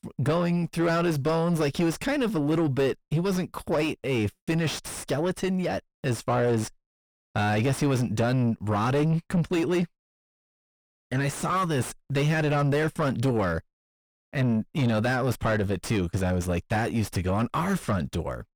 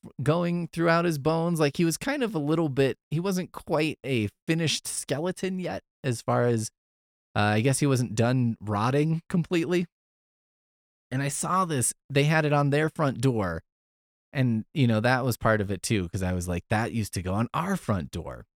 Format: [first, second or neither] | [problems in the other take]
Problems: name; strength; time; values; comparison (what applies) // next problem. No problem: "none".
second | distortion; heavy; 5 dB below the speech